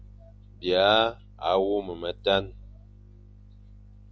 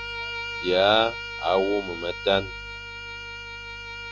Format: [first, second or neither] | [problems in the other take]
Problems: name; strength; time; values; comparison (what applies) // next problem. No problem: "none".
first | background sound (Bowed string instrument); 9 dB below the speech